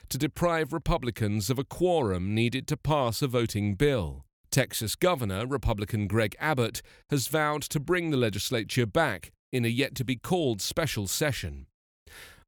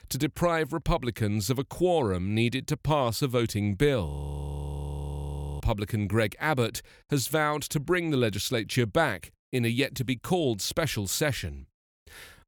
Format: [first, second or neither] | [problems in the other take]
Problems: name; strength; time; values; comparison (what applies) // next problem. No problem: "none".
first | audio freezing; at 4 s for 1.5 s